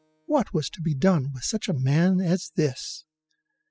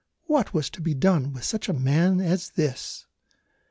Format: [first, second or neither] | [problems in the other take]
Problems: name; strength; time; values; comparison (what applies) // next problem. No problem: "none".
second | noise reduction (classical method spectral subtraction)